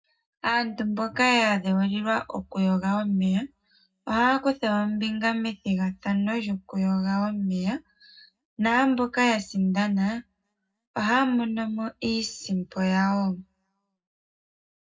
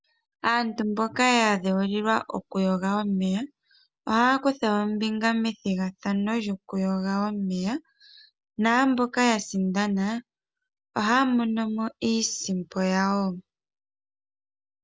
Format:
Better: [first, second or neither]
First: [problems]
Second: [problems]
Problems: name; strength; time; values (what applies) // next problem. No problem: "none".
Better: second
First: room echo; dies away in 0.3 s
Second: none